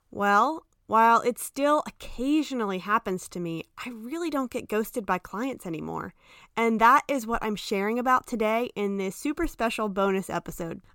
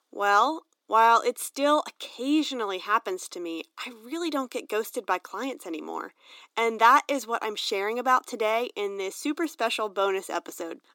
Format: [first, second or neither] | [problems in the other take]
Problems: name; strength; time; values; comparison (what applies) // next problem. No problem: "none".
first | thin; very slightly; fading below 300 Hz